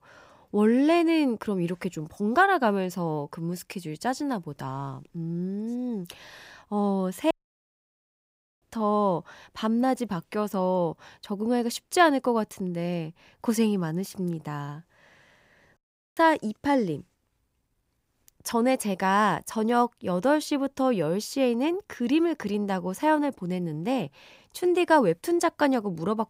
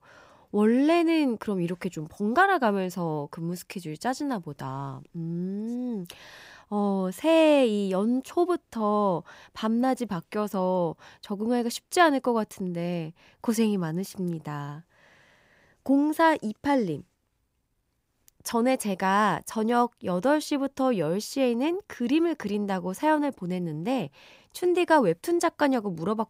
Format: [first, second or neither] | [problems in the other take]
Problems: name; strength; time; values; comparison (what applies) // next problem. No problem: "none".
second | audio cutting out; at 7.5 s for 1.5 s and at 16 s